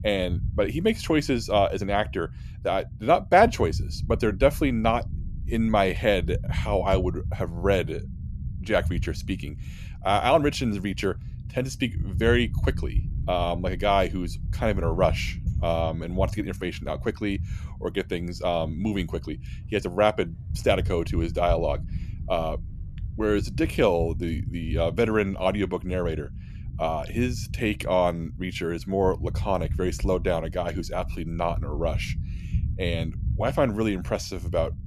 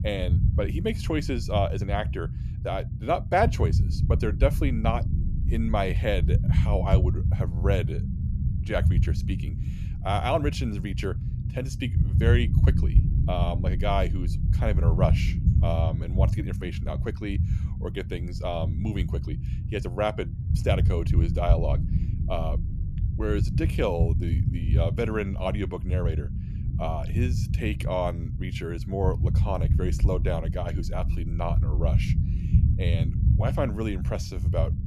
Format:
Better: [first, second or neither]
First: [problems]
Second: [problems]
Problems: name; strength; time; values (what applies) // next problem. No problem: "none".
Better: first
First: low rumble; faint; throughout; 20 dB below the speech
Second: low rumble; loud; throughout; 9 dB below the speech